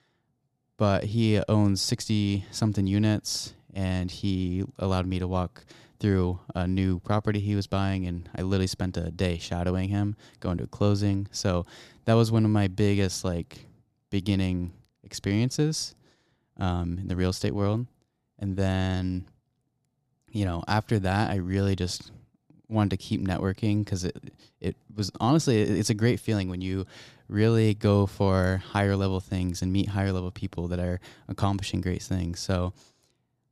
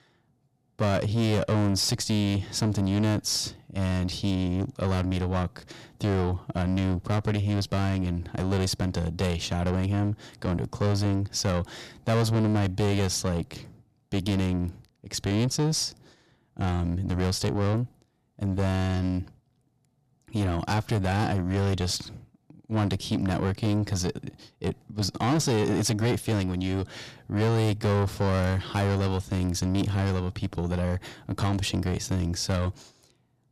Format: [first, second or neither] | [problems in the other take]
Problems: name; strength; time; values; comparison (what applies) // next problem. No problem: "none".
first | distortion; heavy; 7 dB below the speech